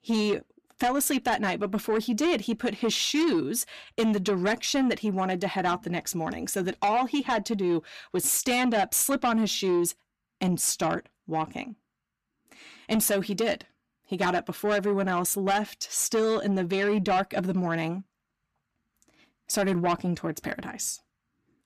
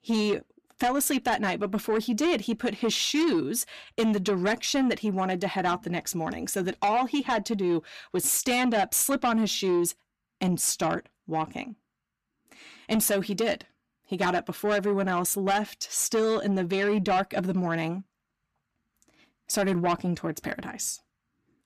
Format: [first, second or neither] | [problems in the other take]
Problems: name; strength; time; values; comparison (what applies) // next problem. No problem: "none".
neither | distortion; slight; 10 dB below the speech; the same in both